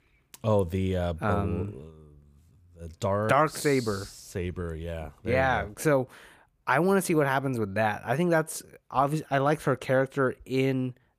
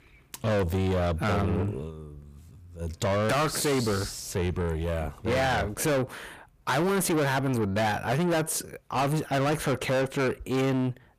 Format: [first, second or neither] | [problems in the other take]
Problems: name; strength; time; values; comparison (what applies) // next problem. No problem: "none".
first | distortion; heavy; 6 dB below the speech